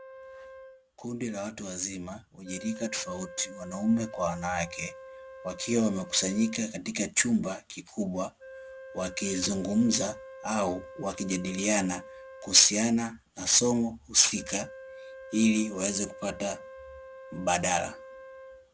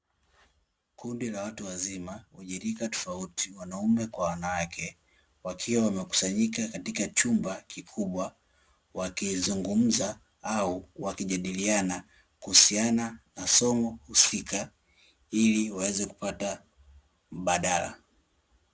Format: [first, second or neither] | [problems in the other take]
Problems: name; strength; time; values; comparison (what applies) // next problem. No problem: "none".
second | background sound (Wind instrument, woodwind instrument); 17 dB below the speech